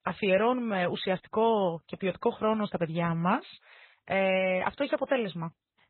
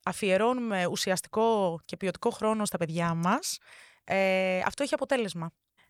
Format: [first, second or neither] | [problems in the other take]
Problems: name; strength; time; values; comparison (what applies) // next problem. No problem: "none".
second | garbled, watery; badly; nothing above 4 kHz